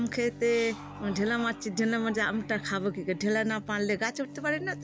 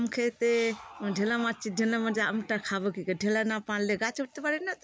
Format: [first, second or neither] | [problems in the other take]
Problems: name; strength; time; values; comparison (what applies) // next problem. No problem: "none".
second | background sound (Bowed string instrument); 15 dB below the speech